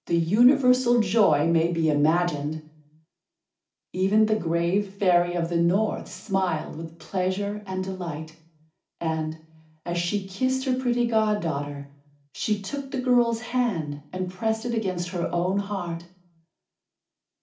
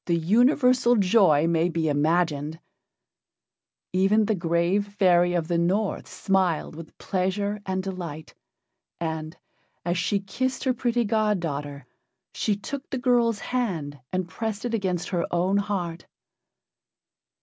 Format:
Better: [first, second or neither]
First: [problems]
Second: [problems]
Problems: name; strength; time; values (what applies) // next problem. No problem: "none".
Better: second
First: room echo; dies away in 0.4 s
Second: none